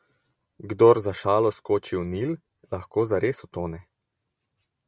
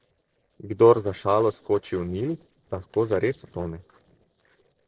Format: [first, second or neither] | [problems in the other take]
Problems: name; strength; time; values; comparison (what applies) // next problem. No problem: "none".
first | noise reduction (neural separator model SepFormer DNS4)